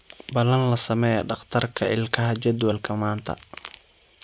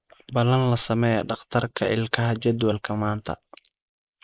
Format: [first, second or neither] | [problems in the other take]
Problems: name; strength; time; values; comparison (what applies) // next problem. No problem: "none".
first | noise reduction (neural mask model Resemble Enhance denoiser)